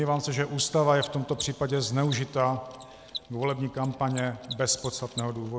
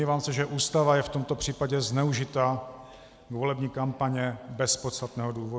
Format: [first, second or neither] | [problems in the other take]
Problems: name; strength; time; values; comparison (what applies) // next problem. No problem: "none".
second | noise reduction (neural mask model Resemble Enhance denoiser)